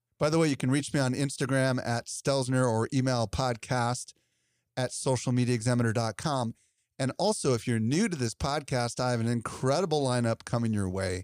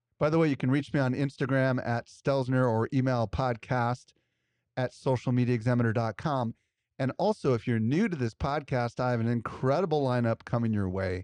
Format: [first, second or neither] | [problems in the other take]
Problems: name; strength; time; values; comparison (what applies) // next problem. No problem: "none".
first | muffled; slightly; fading above 2.5 kHz